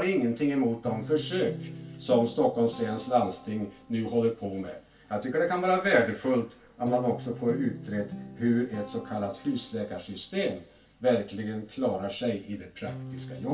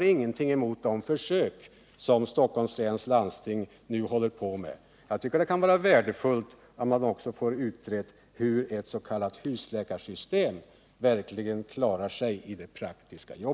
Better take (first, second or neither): second